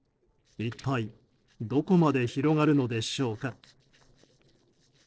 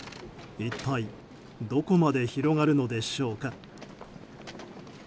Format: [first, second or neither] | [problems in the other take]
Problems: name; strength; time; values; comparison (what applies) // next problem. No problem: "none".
second | noise reduction (neural separator model SepFormer DNS4)